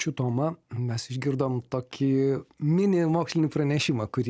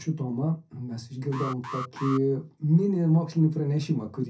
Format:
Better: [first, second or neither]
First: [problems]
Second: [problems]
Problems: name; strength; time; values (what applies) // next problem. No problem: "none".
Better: first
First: none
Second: background sound (Alarm); 12 dB below the speech // room echo; dies away in 0.3 s